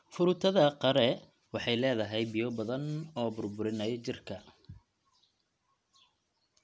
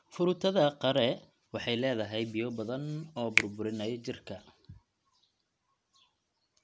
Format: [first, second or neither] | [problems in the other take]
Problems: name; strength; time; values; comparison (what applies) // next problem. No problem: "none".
first | background sound (Finger snapping); 4 dB below the speech